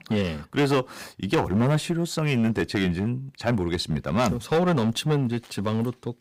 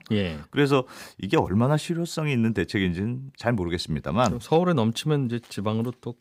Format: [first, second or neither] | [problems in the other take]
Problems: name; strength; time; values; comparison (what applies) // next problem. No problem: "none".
second | distortion; slight; 8% of the sound clipped